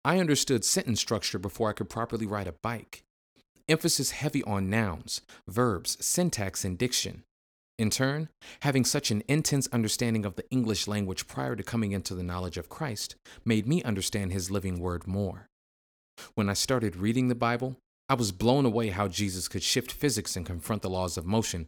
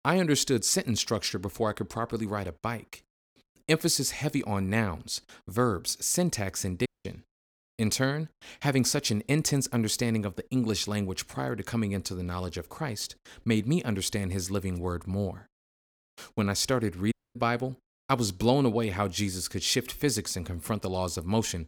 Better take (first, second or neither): first